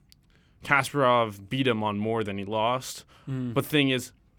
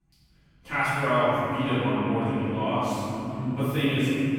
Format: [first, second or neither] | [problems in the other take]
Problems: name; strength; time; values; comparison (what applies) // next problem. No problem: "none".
first | off-mic speech; far // room echo; strong; dies away in 3 s